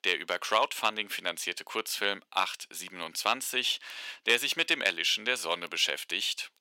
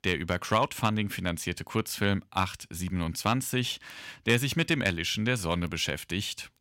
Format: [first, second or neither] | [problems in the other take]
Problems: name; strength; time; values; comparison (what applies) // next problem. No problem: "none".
second | thin; very; fading below 450 Hz